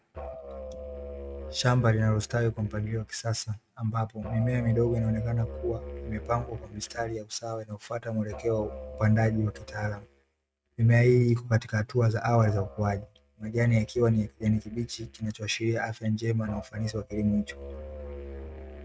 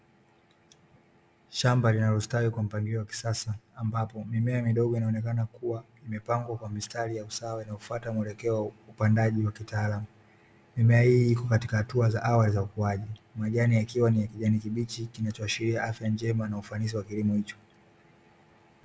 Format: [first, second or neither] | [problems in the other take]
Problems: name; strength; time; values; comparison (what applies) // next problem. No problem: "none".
second | noise reduction (neural mask model RNNoise)